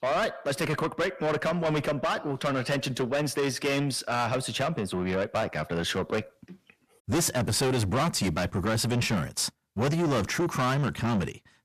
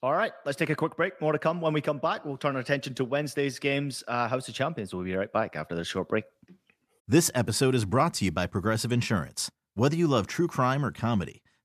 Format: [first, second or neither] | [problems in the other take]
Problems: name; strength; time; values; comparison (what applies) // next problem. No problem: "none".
second | distortion; heavy; 6 dB below the speech